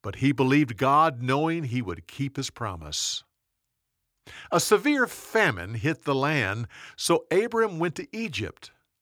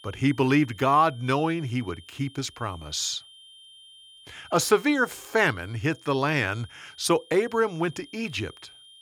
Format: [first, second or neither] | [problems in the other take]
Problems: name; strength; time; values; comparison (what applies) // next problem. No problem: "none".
first | high-pitched whine; faint; throughout; 3 kHz, 25 dB below the speech